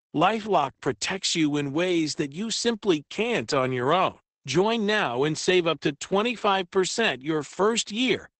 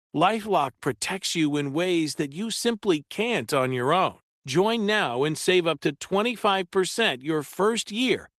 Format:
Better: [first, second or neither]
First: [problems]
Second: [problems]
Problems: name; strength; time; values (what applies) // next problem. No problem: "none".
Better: second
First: garbled, watery; badly; nothing above 8 kHz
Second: garbled, watery; slightly; nothing above 13.5 kHz